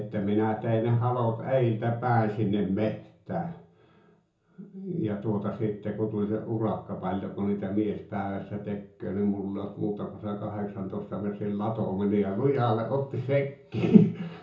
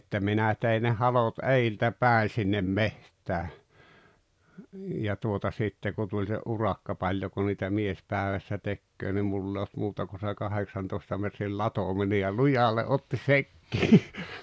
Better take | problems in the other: second | room echo; dies away in 0.6 s

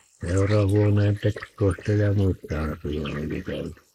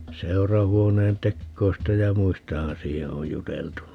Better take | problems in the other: second | noise reduction (neural mask model Resemble Enhance denoiser)

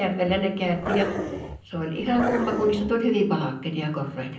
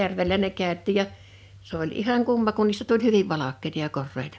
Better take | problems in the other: second | background sound (Growling); 6 dB below the speech // room echo; dies away in 0.6 s

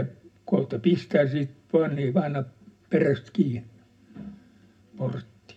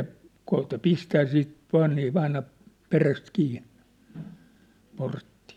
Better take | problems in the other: second | room echo; dies away in 0.2 s

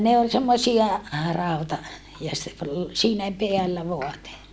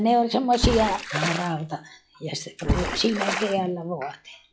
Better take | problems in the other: first | noise reduction (classical method log-MMSE)

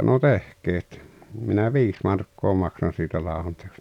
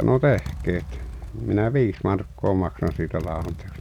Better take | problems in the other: first | background sound (Motorcycle); 11 dB below the speech

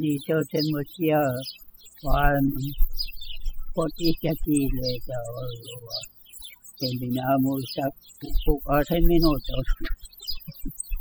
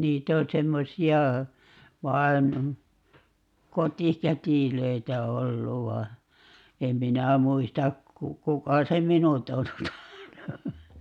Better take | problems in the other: second | noise reduction (classical method spectral subtraction)

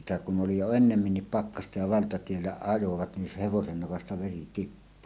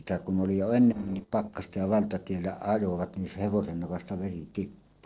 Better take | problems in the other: first | noise reduction (neural separator model SepFormer DNS4)

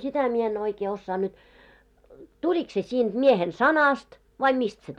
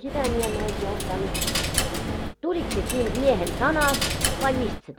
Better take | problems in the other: first | background sound (Coin (dropping)); as loud as the speech

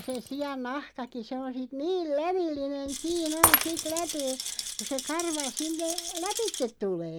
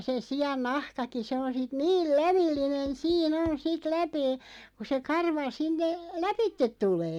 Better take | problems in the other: second | background sound (Rattle + Shatter); 1 dB below the speech

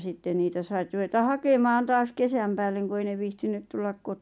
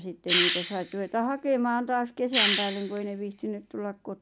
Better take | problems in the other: first | background sound (Hiss); 2 dB below the speech

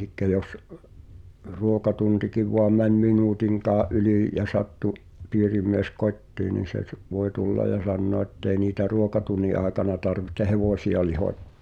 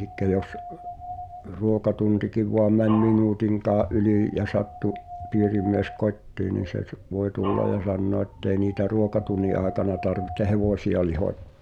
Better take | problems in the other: first | background sound (Dog); 16 dB below the speech

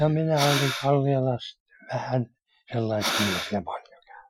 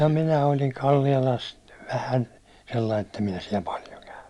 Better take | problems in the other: second | noise reduction (classical method Wiener filter)

